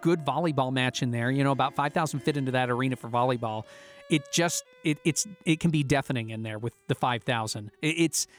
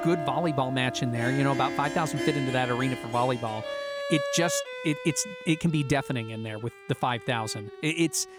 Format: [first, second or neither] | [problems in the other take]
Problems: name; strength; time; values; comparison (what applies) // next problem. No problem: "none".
first | background music; loud; throughout; 7 dB below the speech; faint in the first